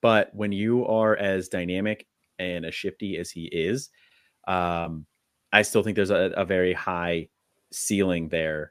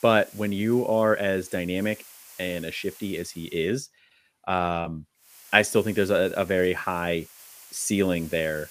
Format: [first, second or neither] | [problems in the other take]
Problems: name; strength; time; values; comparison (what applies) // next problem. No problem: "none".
first | hiss; faint; until 3.5 s and from 5.5 s on; 20 dB below the speech